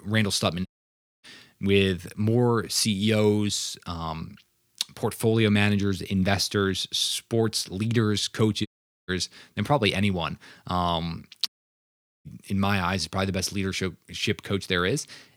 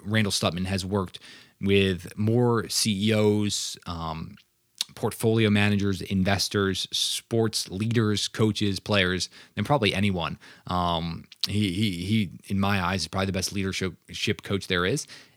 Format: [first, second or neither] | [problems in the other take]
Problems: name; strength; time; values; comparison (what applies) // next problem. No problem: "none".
second | audio cutting out; at 0.5 s for 0.5 s, at 8.5 s and at 11 s for 1 s